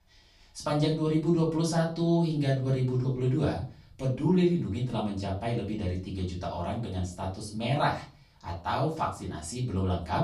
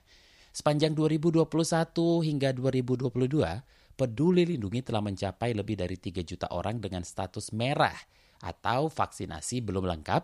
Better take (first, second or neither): second